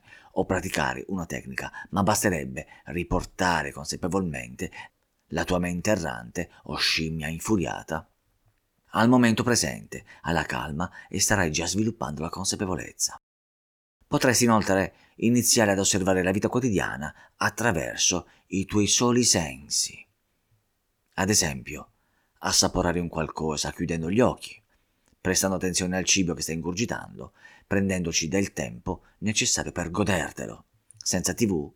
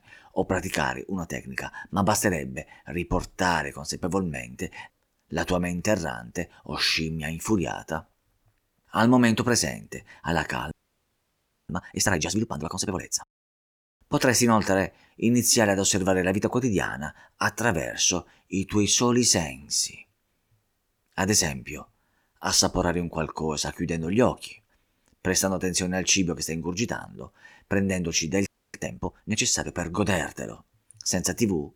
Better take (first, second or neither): first